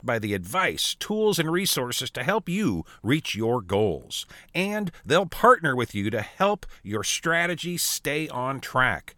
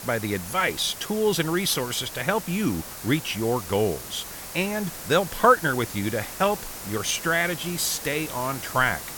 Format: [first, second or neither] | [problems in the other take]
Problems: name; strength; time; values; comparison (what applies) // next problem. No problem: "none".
first | hiss; noticeable; throughout; 10 dB below the speech